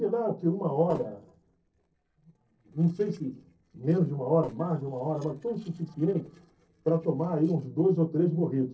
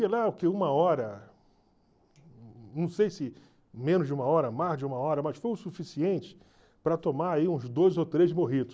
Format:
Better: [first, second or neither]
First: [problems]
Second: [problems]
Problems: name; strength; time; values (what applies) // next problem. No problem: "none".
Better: second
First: noise reduction (neural separator model SepFormer DNS4)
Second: none